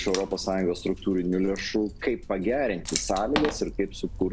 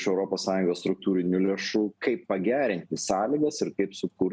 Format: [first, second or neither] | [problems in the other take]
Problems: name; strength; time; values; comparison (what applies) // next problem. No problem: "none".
second | background sound (Water / Splash, splatter); 9 dB below the speech